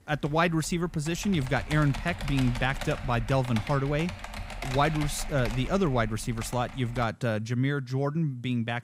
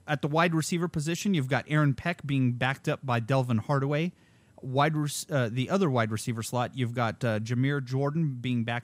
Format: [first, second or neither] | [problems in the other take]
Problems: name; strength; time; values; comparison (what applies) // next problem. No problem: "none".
second | keyboard typing; noticeable; until 7 s; peak 7 dB below the speech